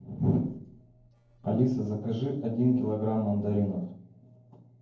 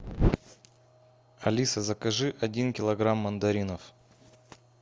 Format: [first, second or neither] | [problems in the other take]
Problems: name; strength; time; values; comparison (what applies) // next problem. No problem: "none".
second | noise reduction (neural separator model SepFormer DNS4)